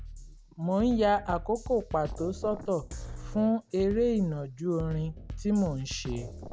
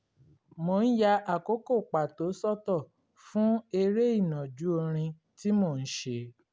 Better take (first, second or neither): second